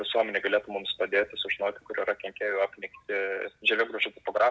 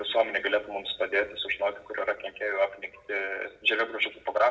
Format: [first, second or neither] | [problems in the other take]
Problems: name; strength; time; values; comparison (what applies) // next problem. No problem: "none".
first | room echo; dies away in 0.5 s